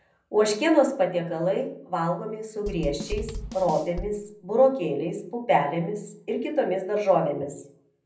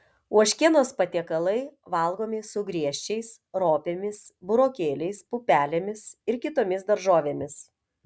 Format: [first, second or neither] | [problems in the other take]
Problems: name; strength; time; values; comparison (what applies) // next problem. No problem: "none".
second | background sound (Drum / Drum kit); 10 dB below the speech // room echo; dies away in 0.6 s